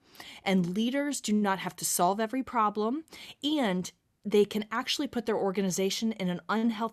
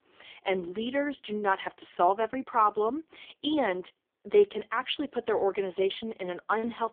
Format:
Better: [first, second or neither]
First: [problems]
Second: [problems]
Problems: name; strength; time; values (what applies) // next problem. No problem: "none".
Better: first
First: none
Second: phone-call audio; poor line; nothing above 3.5 kHz